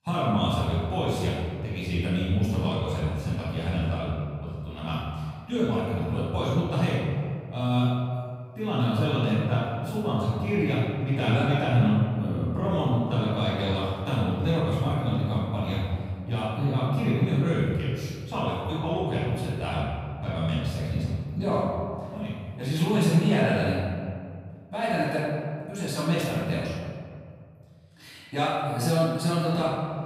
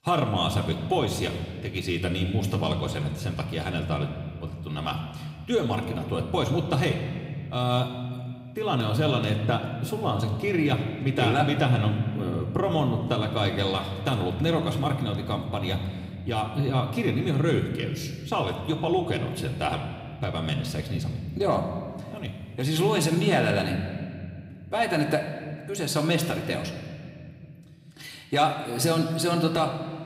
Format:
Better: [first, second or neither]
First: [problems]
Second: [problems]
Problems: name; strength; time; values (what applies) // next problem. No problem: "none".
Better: second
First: room echo; strong; dies away in 2 s // off-mic speech; far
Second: room echo; slight; dies away in 1.8 s // off-mic speech; somewhat distant